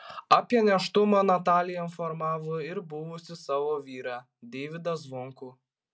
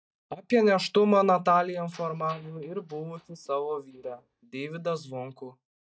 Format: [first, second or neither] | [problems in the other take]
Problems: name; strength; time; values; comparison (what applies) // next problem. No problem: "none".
first | noise reduction (neural mask model DeepFilterNet 3)